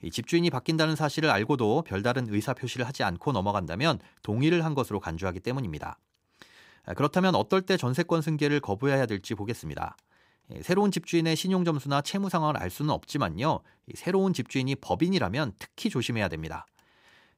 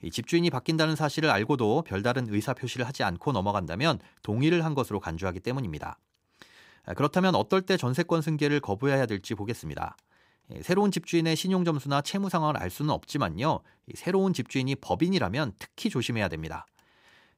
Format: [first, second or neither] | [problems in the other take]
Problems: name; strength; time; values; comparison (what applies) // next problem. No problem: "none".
neither | none